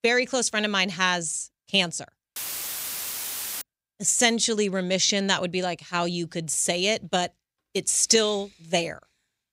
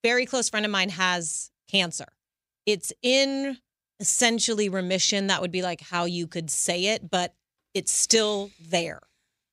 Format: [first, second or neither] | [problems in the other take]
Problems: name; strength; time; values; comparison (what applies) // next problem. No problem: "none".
second | audio cutting out; filled with static; at 2.5 s for 1.5 s